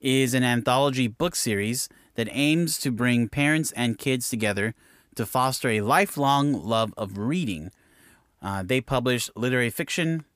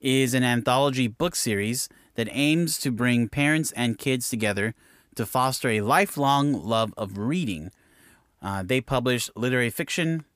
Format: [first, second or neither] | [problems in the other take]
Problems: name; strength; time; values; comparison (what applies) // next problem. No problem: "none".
neither | none